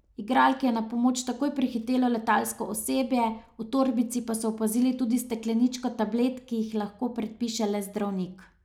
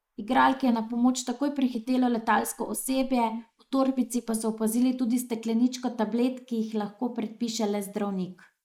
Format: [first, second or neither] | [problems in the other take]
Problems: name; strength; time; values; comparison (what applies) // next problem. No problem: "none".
first | noise reduction (neural mask model Resemble Enhance denoiser)